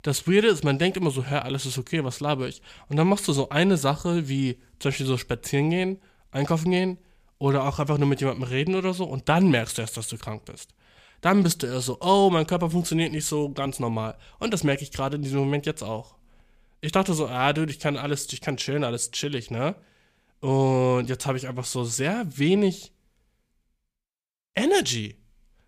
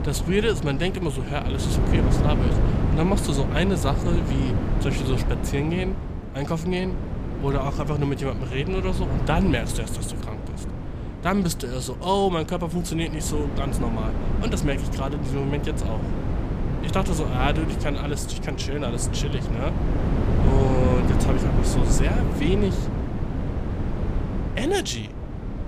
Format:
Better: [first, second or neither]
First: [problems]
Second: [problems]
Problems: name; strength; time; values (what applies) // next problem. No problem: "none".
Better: first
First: none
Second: wind noise on the microphone; heavy; 5 dB below the speech